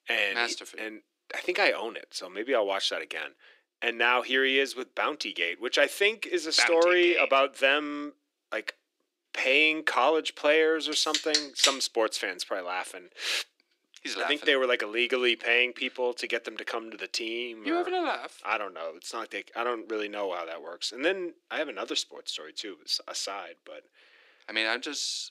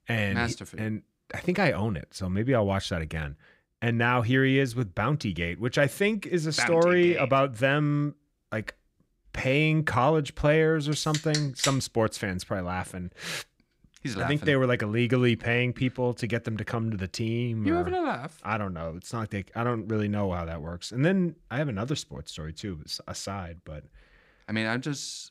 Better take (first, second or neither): second